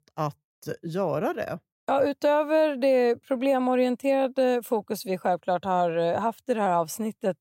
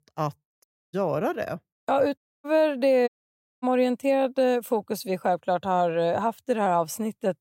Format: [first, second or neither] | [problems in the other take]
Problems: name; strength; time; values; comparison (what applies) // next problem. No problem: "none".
first | audio cutting out; at 0.5 s, at 2 s and at 3 s for 0.5 s